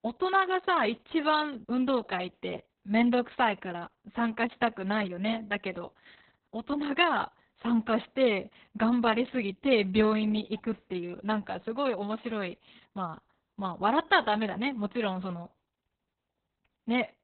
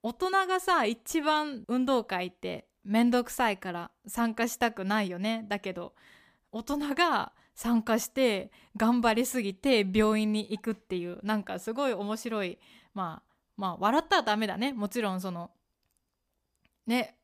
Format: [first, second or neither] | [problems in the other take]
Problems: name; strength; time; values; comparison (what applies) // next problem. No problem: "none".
second | garbled, watery; badly; nothing above 4 kHz